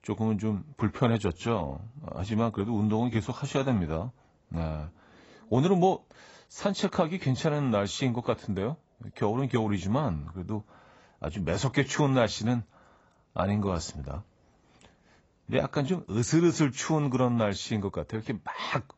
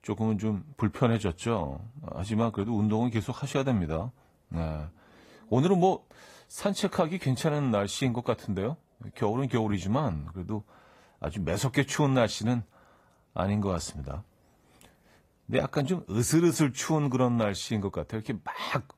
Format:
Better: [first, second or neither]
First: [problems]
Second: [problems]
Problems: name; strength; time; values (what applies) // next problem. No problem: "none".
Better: second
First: garbled, watery; badly; nothing above 7.5 kHz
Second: garbled, watery; slightly; nothing above 14.5 kHz